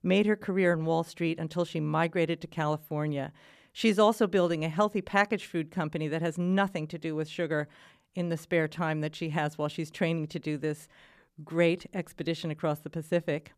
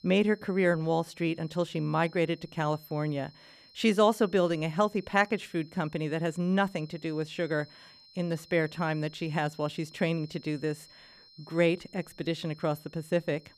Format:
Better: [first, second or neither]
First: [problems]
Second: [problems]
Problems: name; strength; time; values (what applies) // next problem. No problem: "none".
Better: first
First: none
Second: high-pitched whine; faint; throughout; 4 kHz, 25 dB below the speech